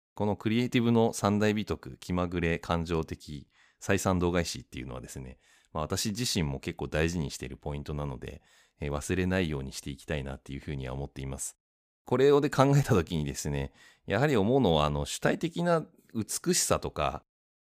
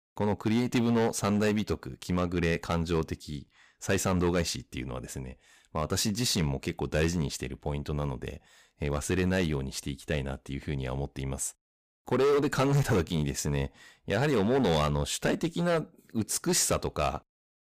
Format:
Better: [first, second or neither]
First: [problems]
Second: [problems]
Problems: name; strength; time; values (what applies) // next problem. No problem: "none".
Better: first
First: none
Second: distortion; heavy; 7% of the sound clipped